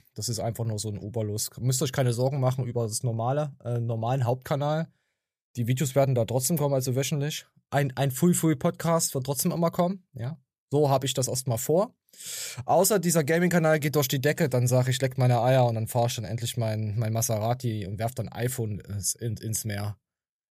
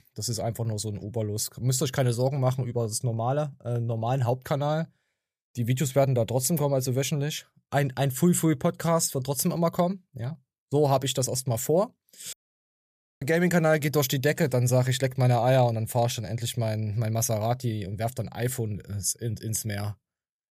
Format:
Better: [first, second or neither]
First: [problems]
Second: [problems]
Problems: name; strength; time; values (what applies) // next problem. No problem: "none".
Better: first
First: none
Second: audio cutting out; at 12 s for 1 s